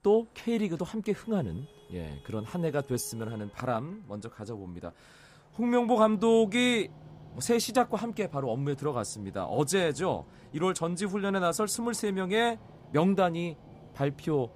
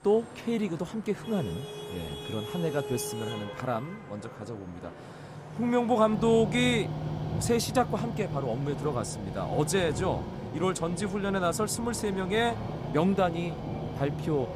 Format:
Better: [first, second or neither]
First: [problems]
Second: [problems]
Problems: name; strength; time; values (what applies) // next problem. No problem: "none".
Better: first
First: traffic noise; faint; throughout; 25 dB below the speech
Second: traffic noise; loud; throughout; 8 dB below the speech